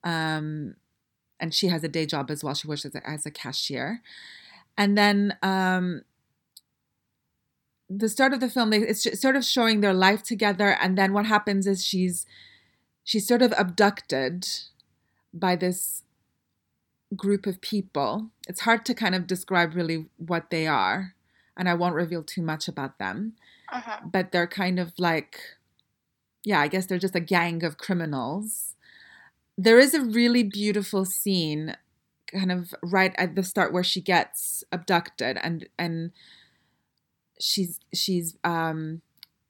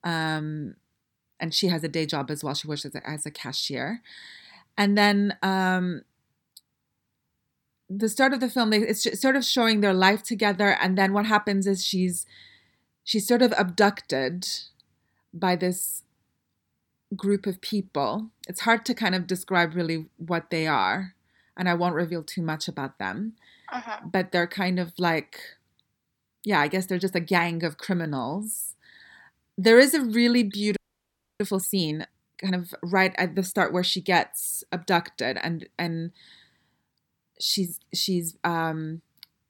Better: first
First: none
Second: audio freezing; at 31 s for 0.5 s

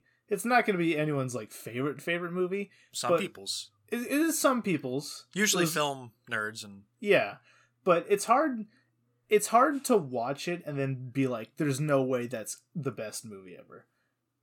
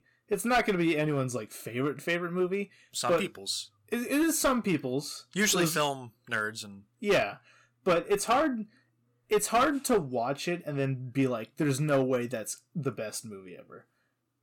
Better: first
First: none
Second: distortion; slight; 4% of the sound clipped

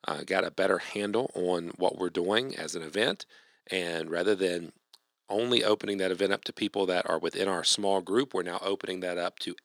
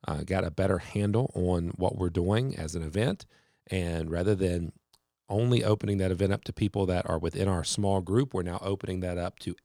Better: second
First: thin; somewhat; fading below 300 Hz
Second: none

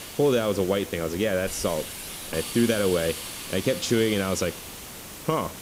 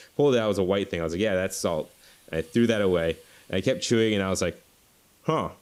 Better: second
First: hiss; loud; throughout; 9 dB below the speech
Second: hiss; faint; throughout; 30 dB below the speech

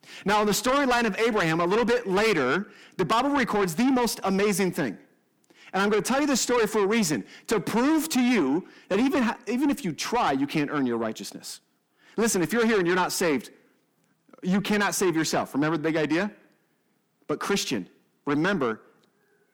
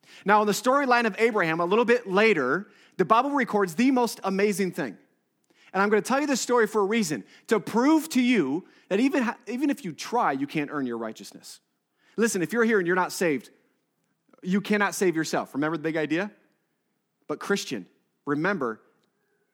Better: second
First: distortion; heavy; 7 dB below the speech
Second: none

